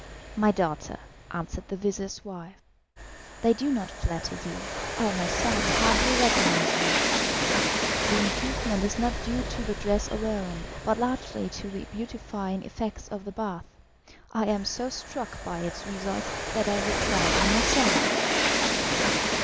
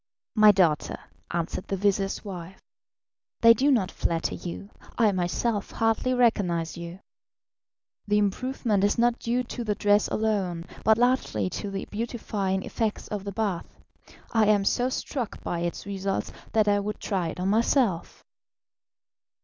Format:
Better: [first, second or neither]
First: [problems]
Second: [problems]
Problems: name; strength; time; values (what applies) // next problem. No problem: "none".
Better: second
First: background sound (Train); 1 dB above the speech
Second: none